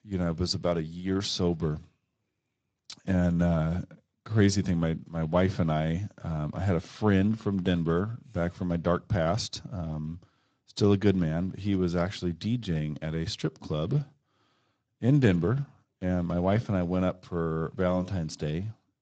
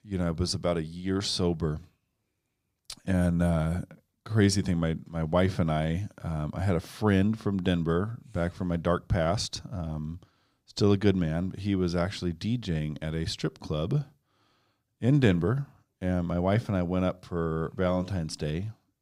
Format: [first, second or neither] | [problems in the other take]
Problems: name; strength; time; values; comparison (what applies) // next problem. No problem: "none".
second | garbled, watery; slightly; nothing above 7.5 kHz